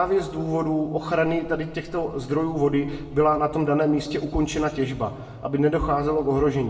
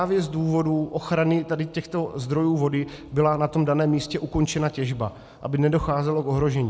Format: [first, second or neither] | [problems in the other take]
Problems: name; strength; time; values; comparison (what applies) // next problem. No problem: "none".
second | background sound (Tick-tock); 18 dB below the speech // room echo; dies away in 1.3 s